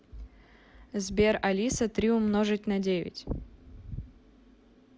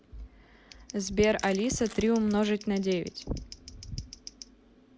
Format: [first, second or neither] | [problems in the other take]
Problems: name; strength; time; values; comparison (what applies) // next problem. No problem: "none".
first | background sound (Scissors + Crushing); 19 dB below the speech